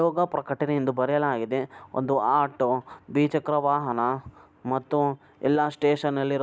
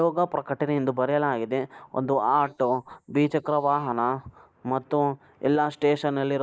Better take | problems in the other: first | noise reduction (neural mask model Resemble Enhance denoiser)

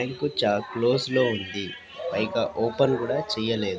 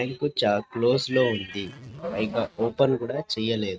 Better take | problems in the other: first | noise reduction (neural mask model RNNoise)

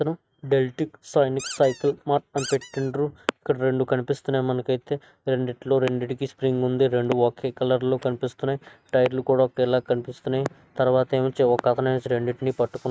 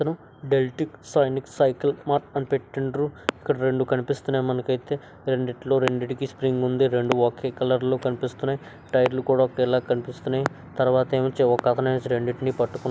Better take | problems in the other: second | noise reduction (neural mask model RNNoise)

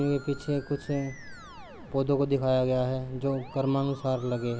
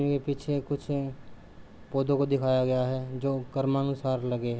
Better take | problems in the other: second | background sound (Musical instrument); 20 dB below the speech

